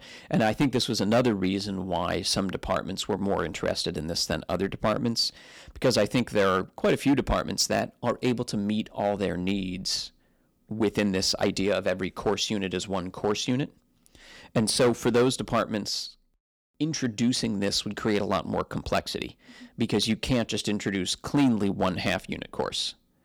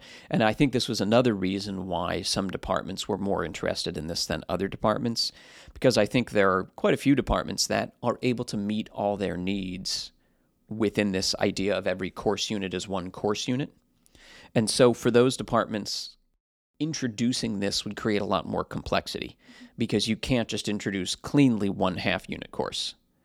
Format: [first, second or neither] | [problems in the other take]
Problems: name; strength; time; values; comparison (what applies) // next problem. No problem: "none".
second | distortion; slight; 3% of the sound clipped